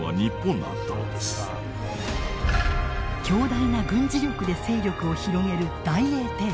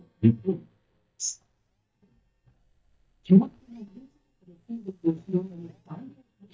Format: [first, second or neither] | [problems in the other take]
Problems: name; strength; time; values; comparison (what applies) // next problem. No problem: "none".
first | noise reduction (neural mask model DeepFilterNet 3)